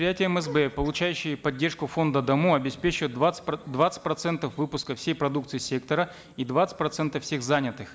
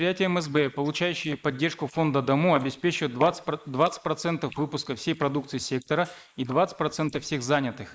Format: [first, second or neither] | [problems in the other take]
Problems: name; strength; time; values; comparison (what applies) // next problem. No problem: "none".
first | noise reduction (neural mask model Resemble Enhance denoiser)